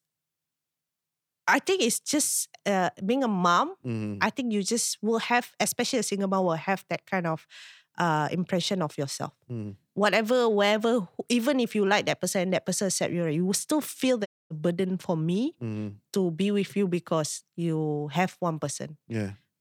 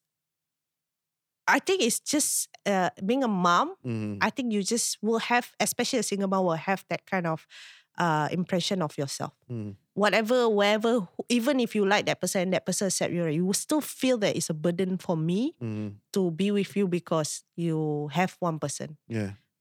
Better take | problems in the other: second | audio cutting out; at 14 s

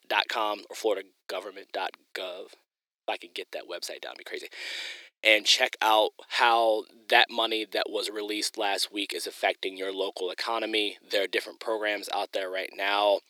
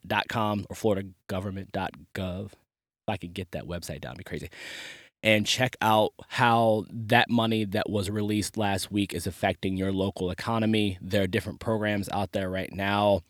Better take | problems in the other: second | thin; very; fading below 350 Hz

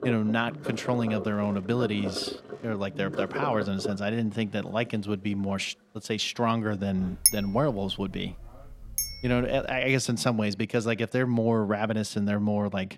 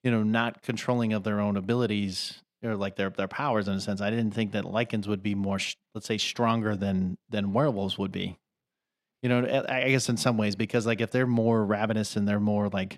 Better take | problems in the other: second | household noises; loud; until 10 s; 4 dB below the speech

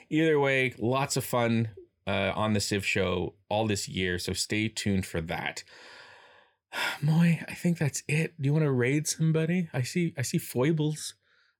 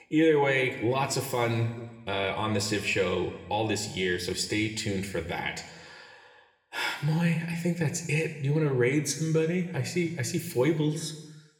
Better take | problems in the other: first | room echo; slight; dies away in 1 s

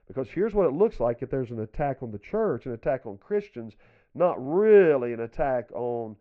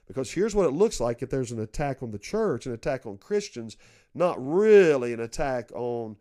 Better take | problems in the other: second | muffled; very; fading above 2.5 kHz

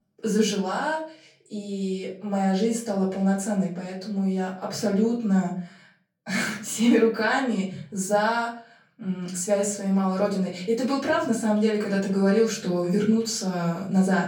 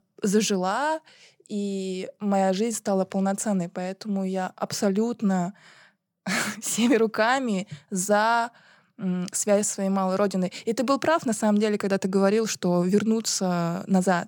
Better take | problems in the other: second | off-mic speech; far // room echo; slight; dies away in 0.4 s

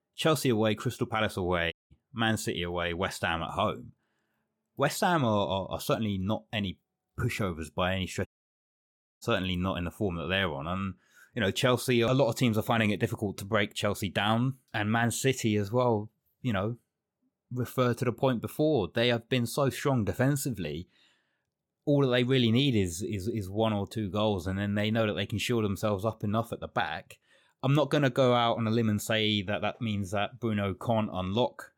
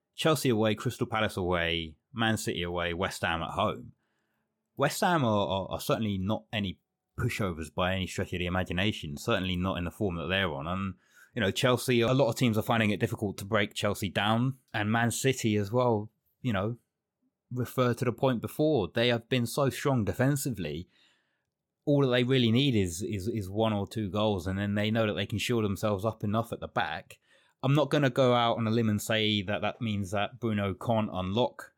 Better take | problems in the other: second | audio cutting out; at 1.5 s and at 8.5 s for 1 s

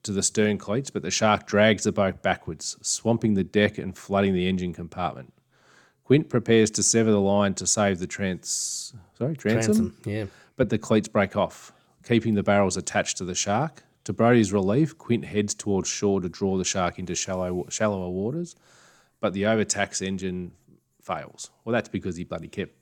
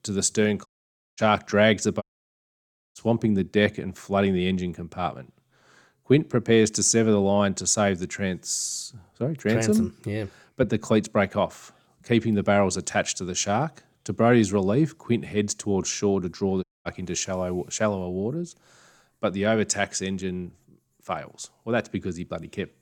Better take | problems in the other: first | audio cutting out; at 0.5 s for 0.5 s, at 2 s for 1 s and at 17 s

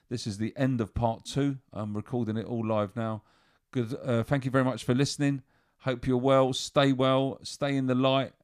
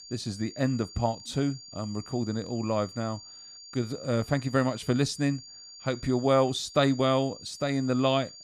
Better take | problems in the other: first | high-pitched whine; noticeable; throughout; 4.5 kHz, 15 dB below the speech

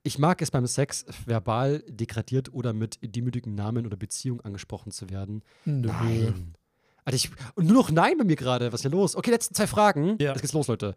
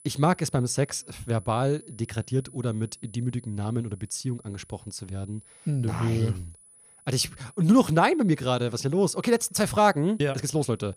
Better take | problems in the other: first | high-pitched whine; faint; throughout; 10 kHz, 25 dB below the speech

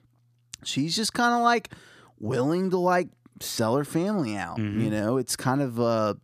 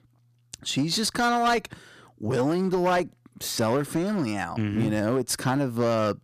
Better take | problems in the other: first | distortion; slight; 9% of the sound clipped

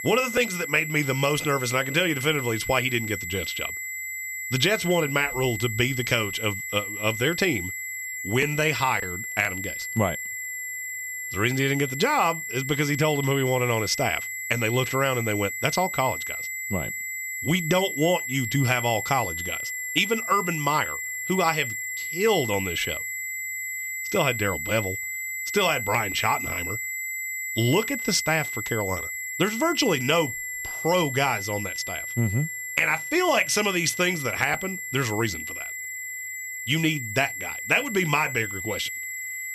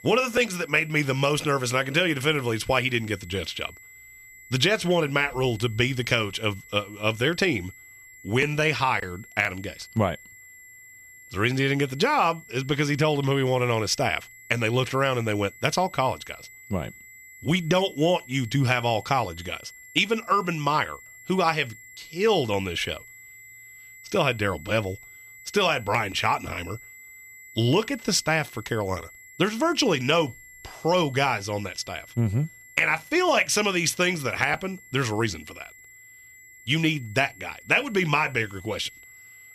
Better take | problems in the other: second | high-pitched whine; loud; throughout; 2 kHz, 5 dB below the speech; faint in the second

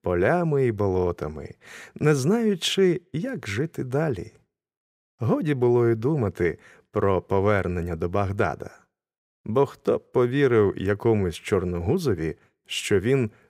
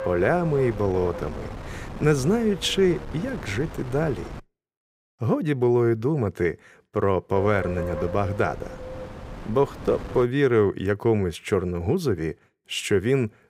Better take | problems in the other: first | wind noise on the microphone; occasional gusts; until 4.5 s and from 7.5 to 10 s; 10 dB below the speech

